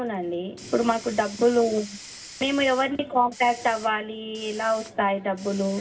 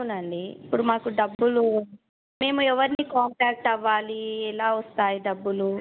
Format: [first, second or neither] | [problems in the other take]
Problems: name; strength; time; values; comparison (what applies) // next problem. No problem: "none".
second | background sound (Hiss); 19 dB below the speech // room echo; dies away in 0.4 s